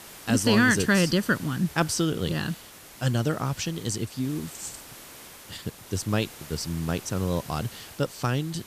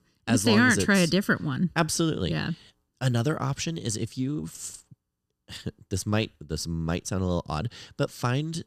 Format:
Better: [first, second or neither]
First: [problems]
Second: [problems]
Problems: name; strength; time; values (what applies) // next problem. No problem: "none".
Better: second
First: hiss; noticeable; throughout; 15 dB below the speech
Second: none